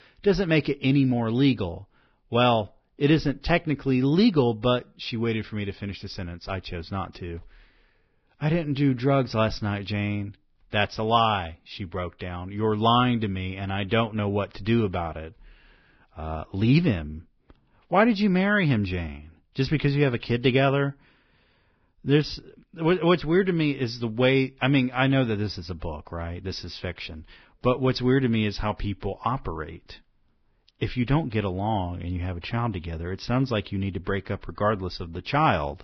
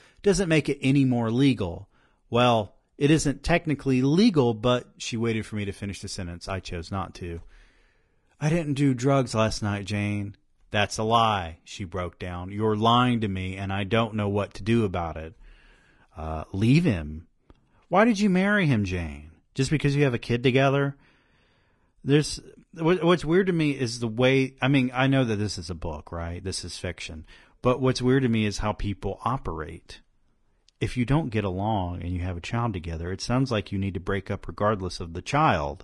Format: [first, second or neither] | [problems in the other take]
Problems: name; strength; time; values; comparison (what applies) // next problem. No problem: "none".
second | garbled, watery; badly; nothing above 5.5 kHz; slightly in the second